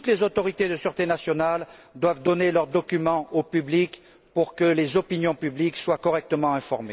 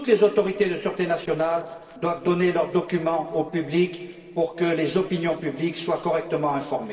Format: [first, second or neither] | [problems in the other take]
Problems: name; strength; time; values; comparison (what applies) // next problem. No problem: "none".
first | noise reduction (neural separator model SepFormer DNS4)